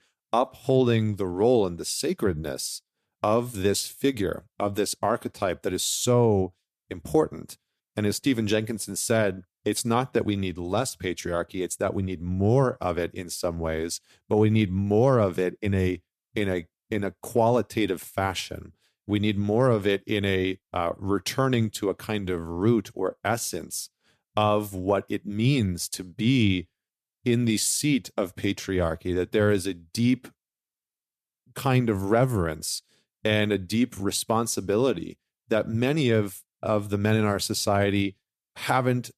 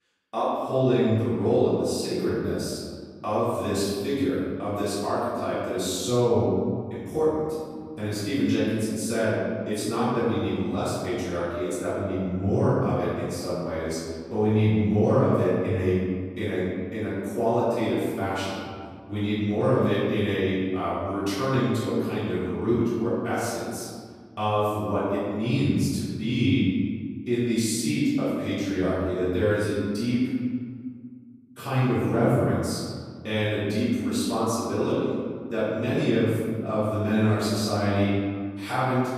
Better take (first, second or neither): first